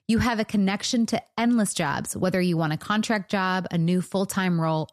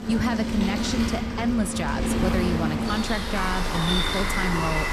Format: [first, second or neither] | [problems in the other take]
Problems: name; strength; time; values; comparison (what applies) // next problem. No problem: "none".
first | rain or running water; very loud; throughout; 2 dB above the speech